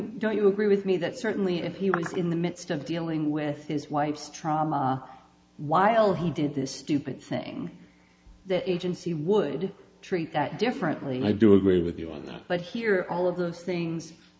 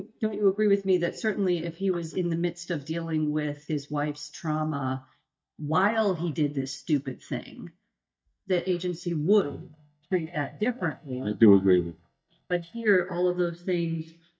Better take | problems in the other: first | noise reduction (neural mask model DeepFilterNet 3)

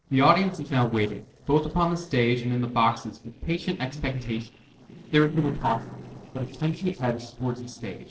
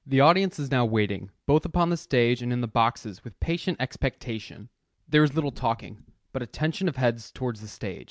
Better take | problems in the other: second | noise reduction (neural separator model SepFormer DNS4)

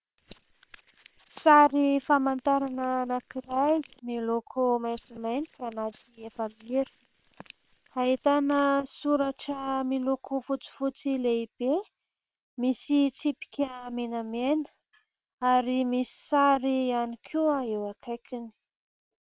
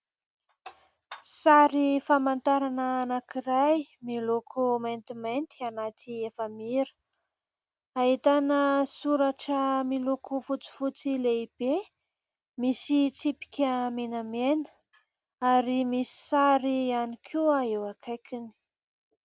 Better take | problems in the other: second | noise reduction (neural separator model SepFormer WHAM!)

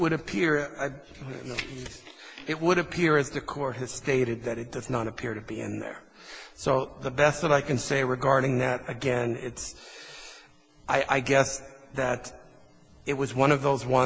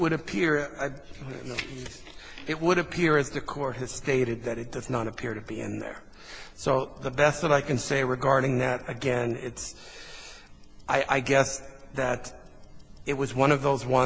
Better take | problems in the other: first | background sound (Tick-tock); 18 dB below the speech

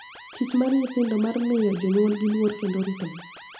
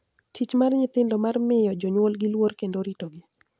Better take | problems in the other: second | background sound (Alarm); 20 dB below the speech // room echo; dies away in 0.4 s

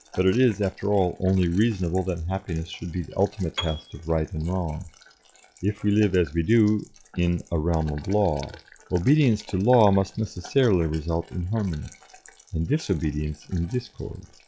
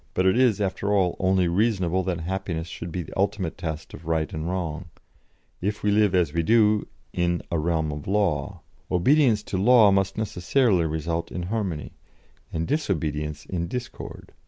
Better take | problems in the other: second | noise reduction (classical method log-MMSE)

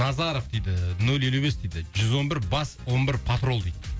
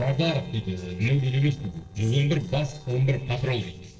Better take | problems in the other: first | noise reduction (neural separator model SepFormer DNS4)

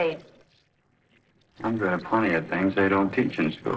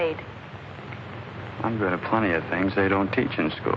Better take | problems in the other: second | noise reduction (neural separator model SepFormer DNS4)

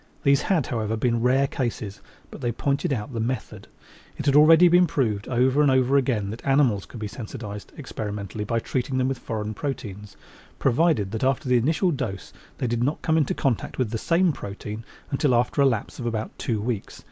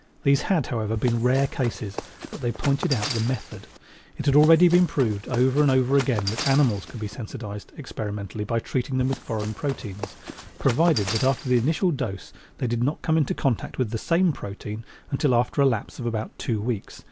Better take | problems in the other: first | background sound (Run); 11 dB below the speech

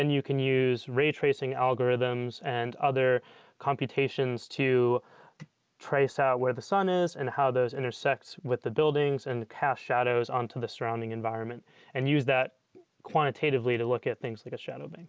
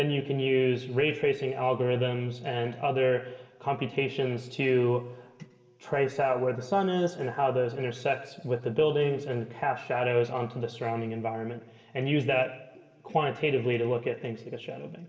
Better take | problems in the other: first | background sound (Piano); 16 dB below the speech // room echo; dies away in 1.6 s

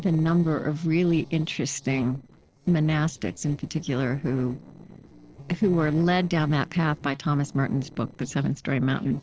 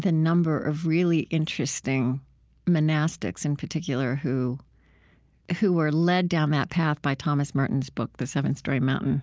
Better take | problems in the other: second | noise reduction (neural separator model SepFormer DNS4)

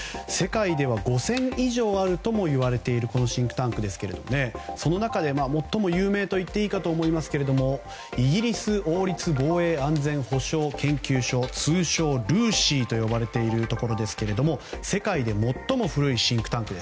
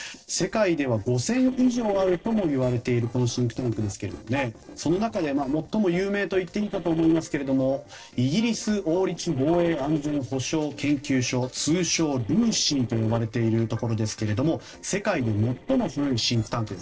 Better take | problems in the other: first | noise reduction (neural separator model SepFormer DNS4)

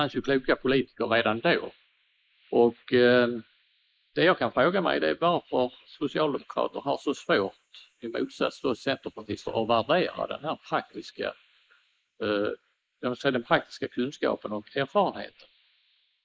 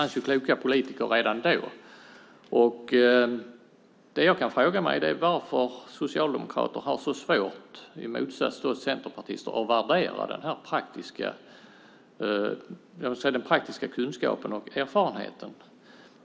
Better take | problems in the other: second | noise reduction (neural mask model Resemble Enhance denoiser)

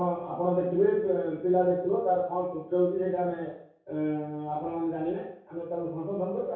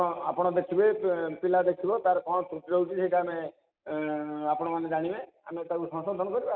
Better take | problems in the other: second | room echo; dies away in 0.6 s

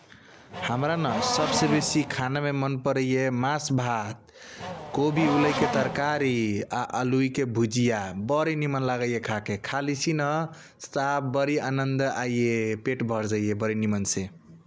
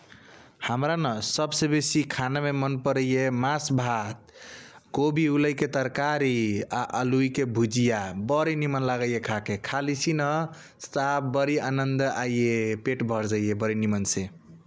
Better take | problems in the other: second | background sound (Race car, auto racing / Accelerating, revving, vroom); 5 dB below the speech

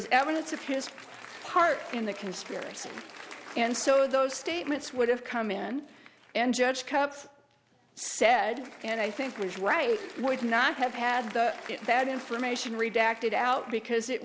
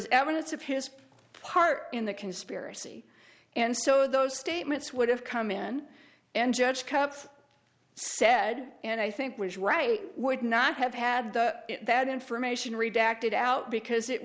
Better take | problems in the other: second | background sound (Applause); 17 dB below the speech

